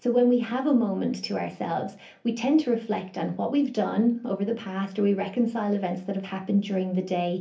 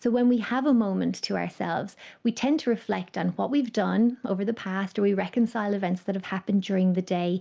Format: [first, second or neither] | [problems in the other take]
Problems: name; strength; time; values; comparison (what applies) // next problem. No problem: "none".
second | room echo; dies away in 0.3 s